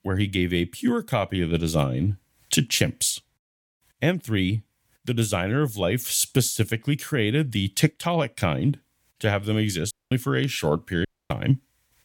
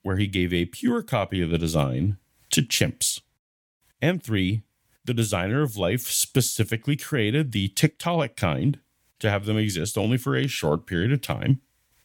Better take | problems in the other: second | audio cutting out; at 10 s and at 11 s

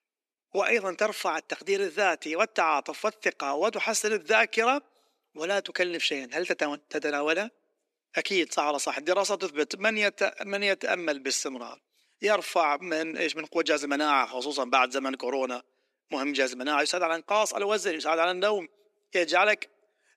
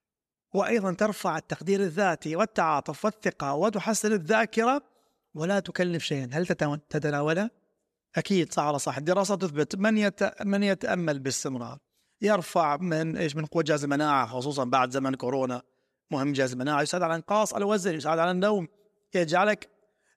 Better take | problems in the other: second | thin; somewhat; fading below 300 Hz

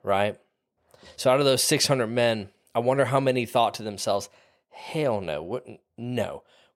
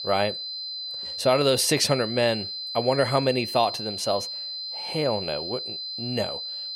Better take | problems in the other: first | high-pitched whine; loud; throughout; 4 kHz, 6 dB below the speech

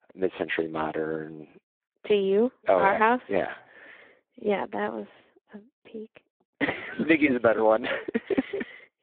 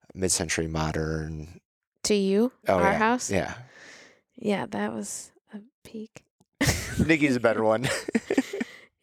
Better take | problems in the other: second | phone-call audio; poor line

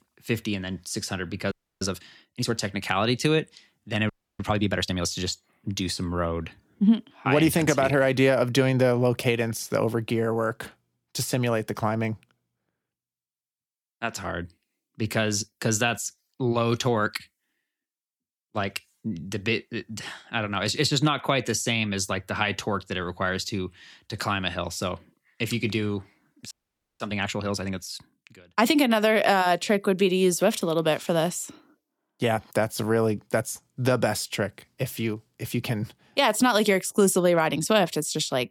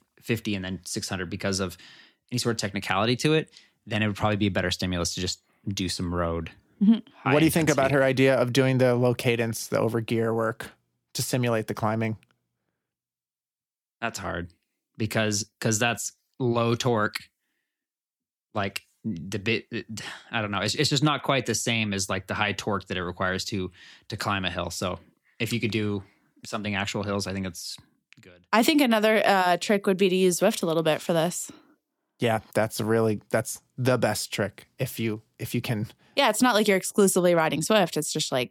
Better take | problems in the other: second | audio freezing; at 1.5 s, at 4 s and at 27 s

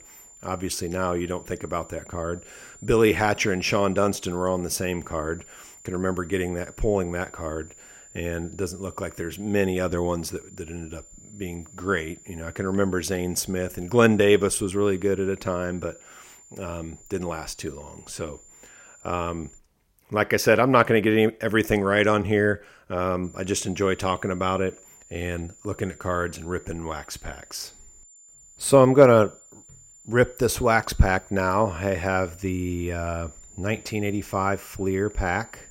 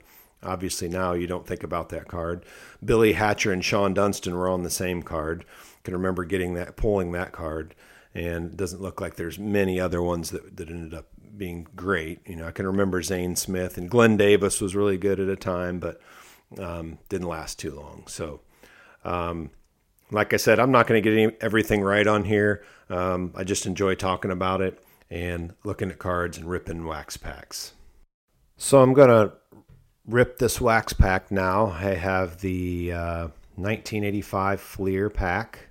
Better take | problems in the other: second | high-pitched whine; faint; until 20 s and from 23 s on; 7 kHz, 25 dB below the speech

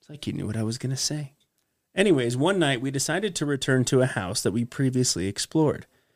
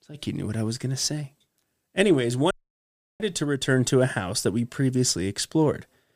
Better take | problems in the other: first | audio cutting out; at 2.5 s for 0.5 s

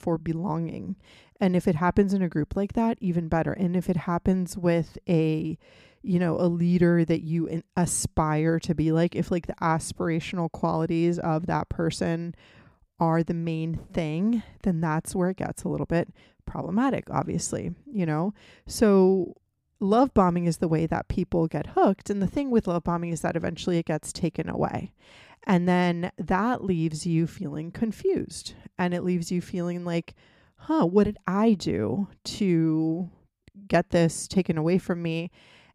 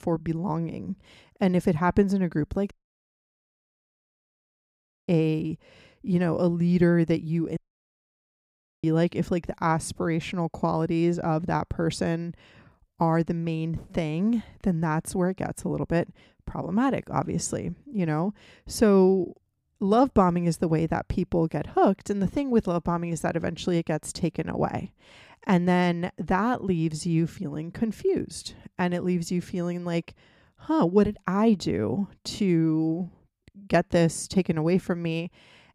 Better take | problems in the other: first | audio cutting out; at 2.5 s for 2.5 s and at 7.5 s for 1.5 s

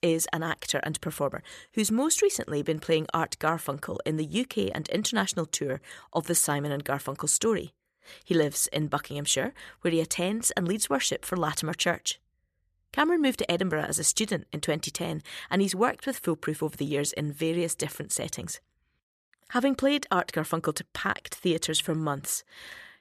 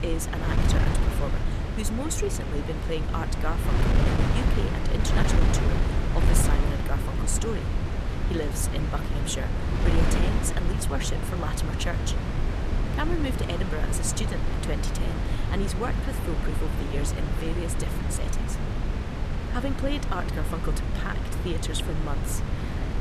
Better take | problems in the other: first | wind noise on the microphone; heavy; as loud as the speech

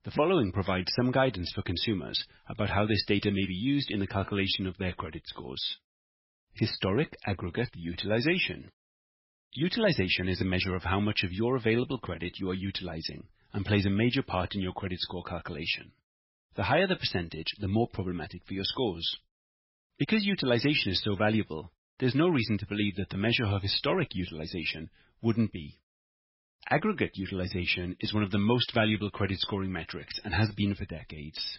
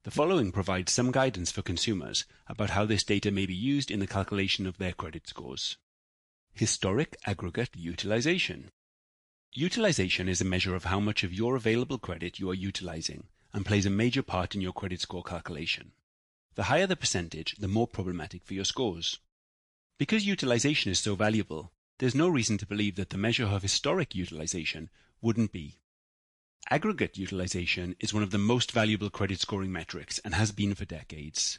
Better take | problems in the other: second | garbled, watery; badly; nothing above 5.5 kHz; slightly in the second

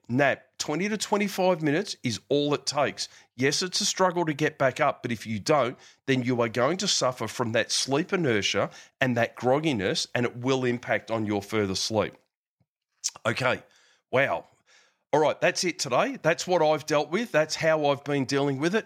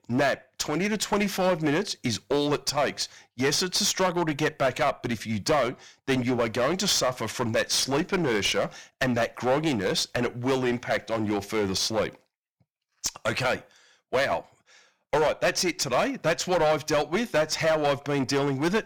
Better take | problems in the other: first | distortion; heavy; 9% of the sound clipped

